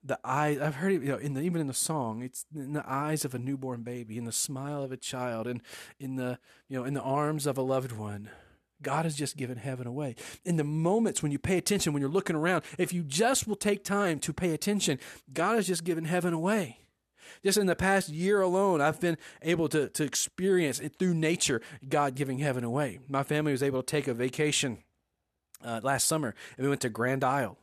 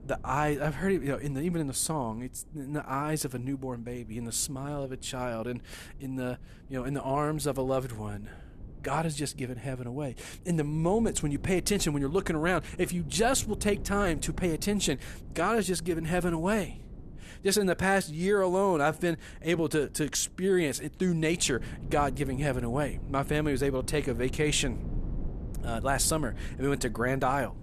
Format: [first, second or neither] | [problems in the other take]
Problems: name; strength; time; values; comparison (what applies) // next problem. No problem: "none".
first | wind noise on the microphone; occasional gusts; 25 dB below the speech